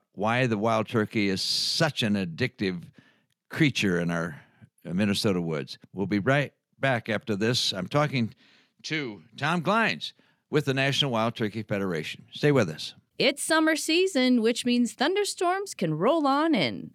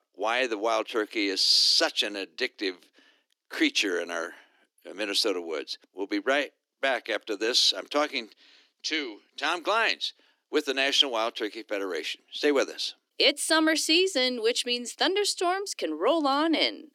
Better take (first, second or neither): first